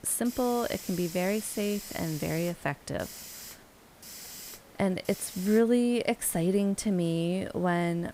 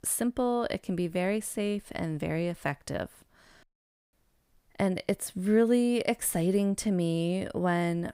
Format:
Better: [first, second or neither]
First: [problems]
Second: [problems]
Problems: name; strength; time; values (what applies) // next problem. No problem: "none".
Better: second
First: hiss; noticeable; throughout; 15 dB below the speech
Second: none